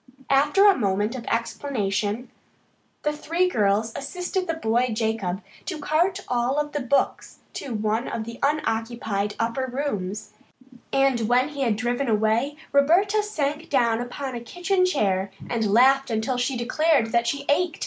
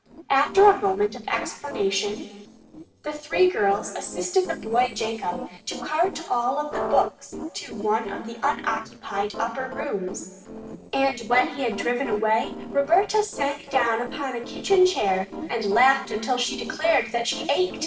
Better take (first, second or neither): first